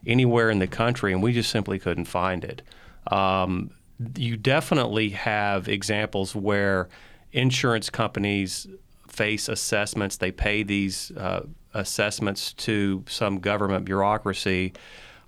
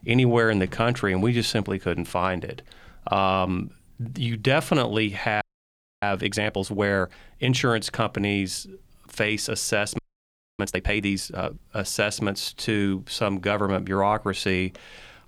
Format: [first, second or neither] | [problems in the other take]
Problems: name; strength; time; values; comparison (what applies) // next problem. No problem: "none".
first | audio freezing; at 5.5 s for 0.5 s and at 10 s for 0.5 s